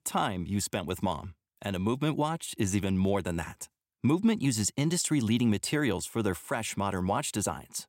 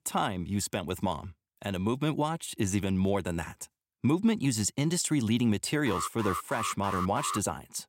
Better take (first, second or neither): first